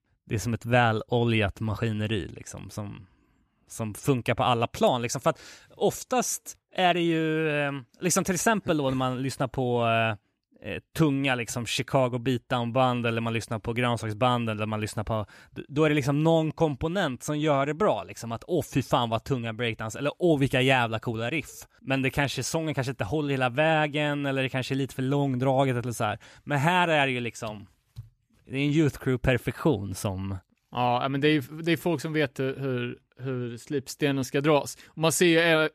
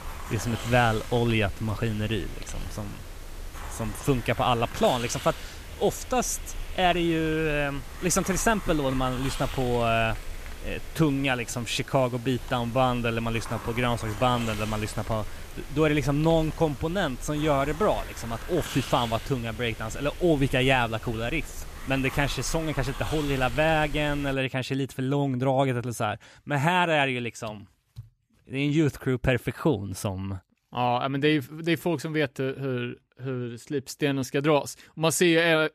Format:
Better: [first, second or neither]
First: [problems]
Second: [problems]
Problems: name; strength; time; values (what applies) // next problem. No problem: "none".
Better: first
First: none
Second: hiss; noticeable; until 24 s; 15 dB below the speech